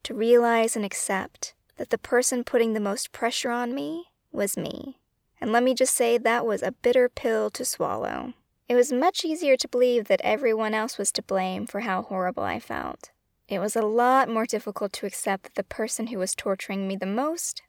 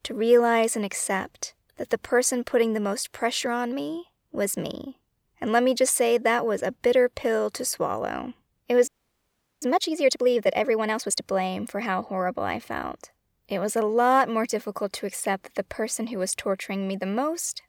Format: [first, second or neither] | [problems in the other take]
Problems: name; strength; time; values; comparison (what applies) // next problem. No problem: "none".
first | audio freezing; at 9 s for 0.5 s